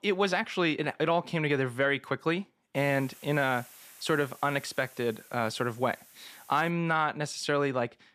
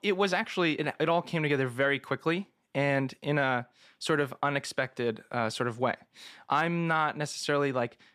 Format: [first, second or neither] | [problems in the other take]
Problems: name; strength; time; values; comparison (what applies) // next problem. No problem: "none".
second | hiss; faint; from 3 to 6.5 s; 20 dB below the speech